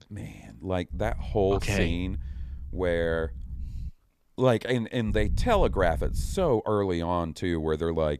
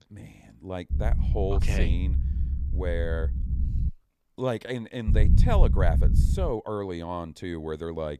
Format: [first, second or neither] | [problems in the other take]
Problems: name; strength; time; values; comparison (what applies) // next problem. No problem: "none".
first | low rumble; loud; from 1 to 4 s and from 5 to 6.5 s; 10 dB below the speech; faint in the first